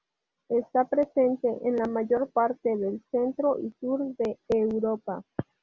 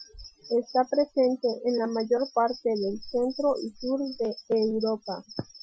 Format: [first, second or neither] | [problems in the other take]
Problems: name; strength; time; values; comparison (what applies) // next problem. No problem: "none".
first | noise reduction (classical method Wiener filter)